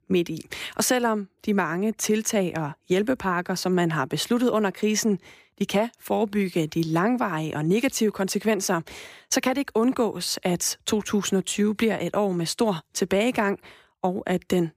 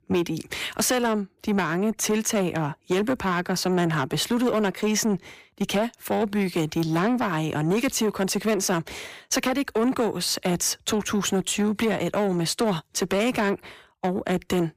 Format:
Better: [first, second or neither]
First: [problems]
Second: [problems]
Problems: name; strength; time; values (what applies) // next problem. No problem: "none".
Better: first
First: none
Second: distortion; slight; 10 dB below the speech